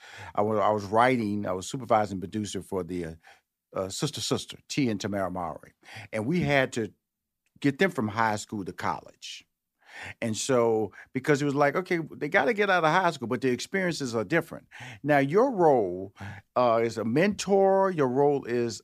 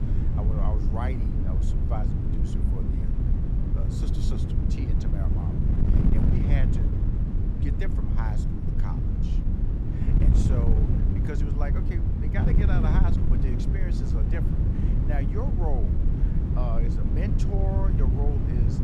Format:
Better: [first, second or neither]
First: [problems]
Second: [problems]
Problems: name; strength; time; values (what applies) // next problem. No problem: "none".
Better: first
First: none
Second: wind noise on the microphone; heavy; 1 dB above the speech